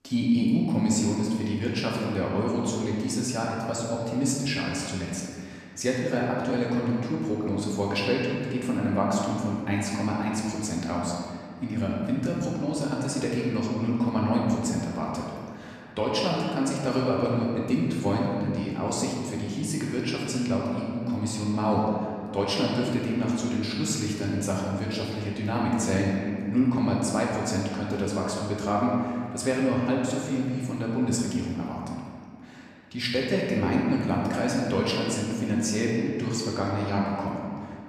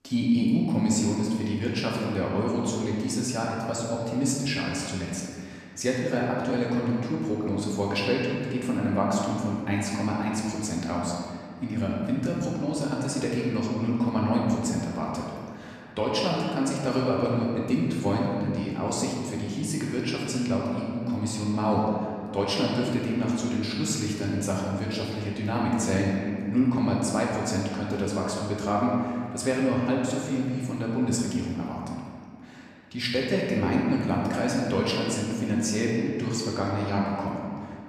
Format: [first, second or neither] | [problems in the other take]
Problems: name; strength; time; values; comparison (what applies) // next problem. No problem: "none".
neither | room echo; noticeable; dies away in 2.1 s; the same in both // off-mic speech; far; the same in both